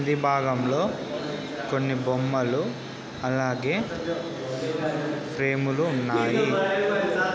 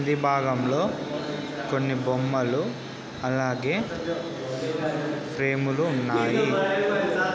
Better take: first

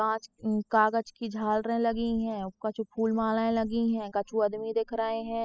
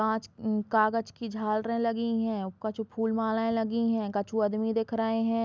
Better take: second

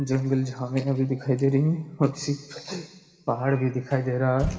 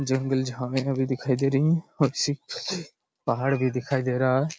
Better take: second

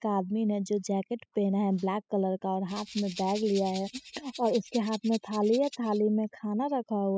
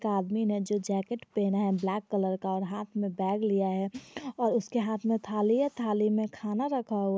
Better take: second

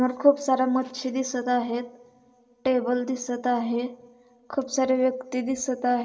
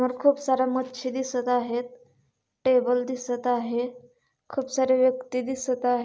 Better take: second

